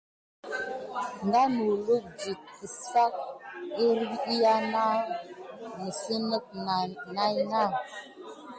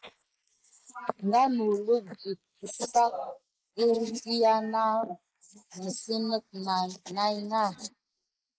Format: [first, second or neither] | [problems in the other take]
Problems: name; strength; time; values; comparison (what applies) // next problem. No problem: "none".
first | noise reduction (neural mask model Resemble Enhance denoiser)